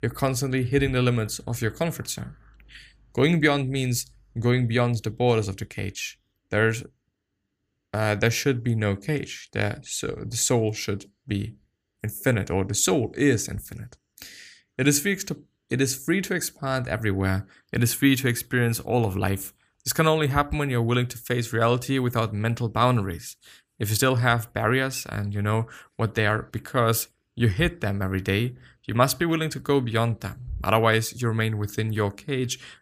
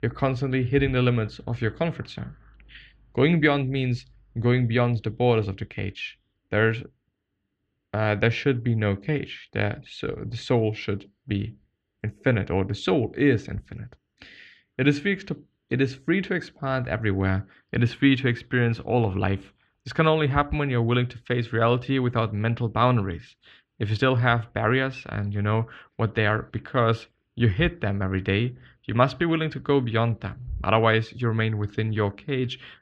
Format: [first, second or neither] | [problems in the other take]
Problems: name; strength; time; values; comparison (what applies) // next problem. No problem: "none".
first | muffled; very; fading above 3.5 kHz